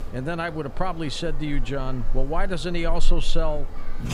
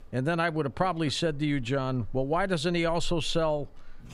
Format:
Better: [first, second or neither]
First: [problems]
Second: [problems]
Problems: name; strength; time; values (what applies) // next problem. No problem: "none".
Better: second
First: traffic noise; loud; throughout; 5 dB below the speech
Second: traffic noise; faint; throughout; 25 dB below the speech